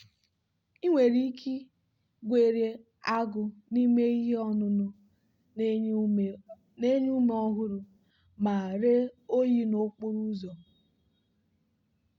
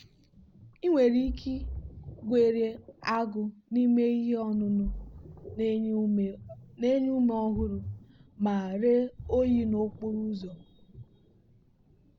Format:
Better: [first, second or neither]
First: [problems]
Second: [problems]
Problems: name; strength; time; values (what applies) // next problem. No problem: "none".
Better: first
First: none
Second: background sound (Ocean); 15 dB below the speech